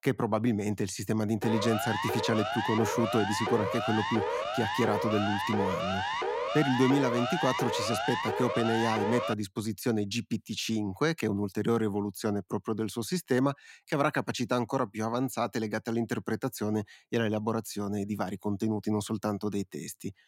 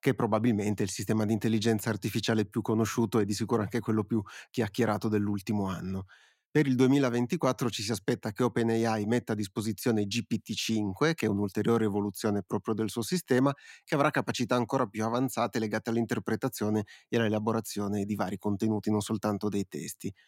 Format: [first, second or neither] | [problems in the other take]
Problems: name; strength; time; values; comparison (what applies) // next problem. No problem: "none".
second | siren; noticeable; from 1.5 to 9.5 s; peak level with the speech